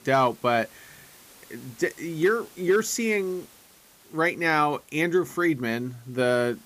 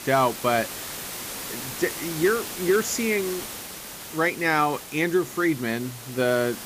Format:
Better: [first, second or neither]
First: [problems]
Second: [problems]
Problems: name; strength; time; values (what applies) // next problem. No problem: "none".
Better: first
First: hiss; faint; throughout; 25 dB below the speech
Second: hiss; loud; throughout; 9 dB below the speech